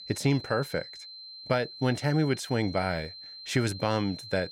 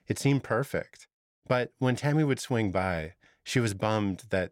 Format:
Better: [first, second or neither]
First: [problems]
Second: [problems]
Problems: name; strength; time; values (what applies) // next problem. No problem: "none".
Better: second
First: high-pitched whine; noticeable; throughout; 4 kHz, 15 dB below the speech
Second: none